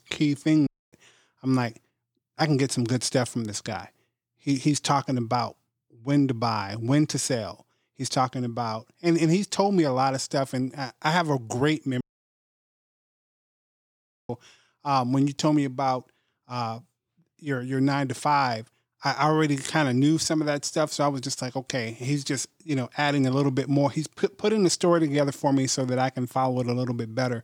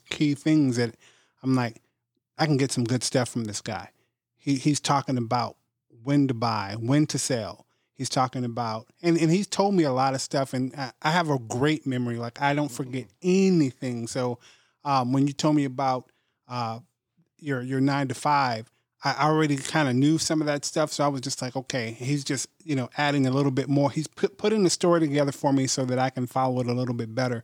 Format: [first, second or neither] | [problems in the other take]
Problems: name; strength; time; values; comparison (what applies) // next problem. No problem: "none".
second | audio cutting out; at 0.5 s and at 12 s for 2.5 s